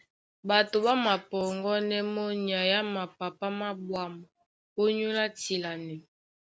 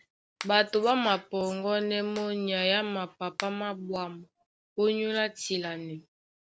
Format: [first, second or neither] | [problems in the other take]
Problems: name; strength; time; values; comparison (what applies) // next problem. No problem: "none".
first | noise reduction (neural separator model SepFormer DNS4)